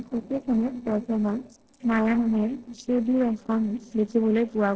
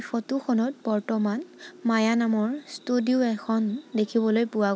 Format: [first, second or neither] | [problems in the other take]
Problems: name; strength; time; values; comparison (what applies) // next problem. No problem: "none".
second | noise reduction (neural separator model SepFormer DNS4)